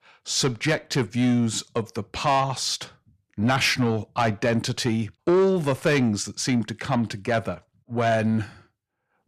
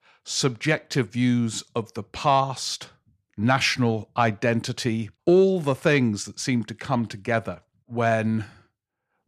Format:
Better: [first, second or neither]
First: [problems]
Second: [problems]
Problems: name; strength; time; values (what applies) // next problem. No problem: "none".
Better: second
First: distortion; slight; 10 dB below the speech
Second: none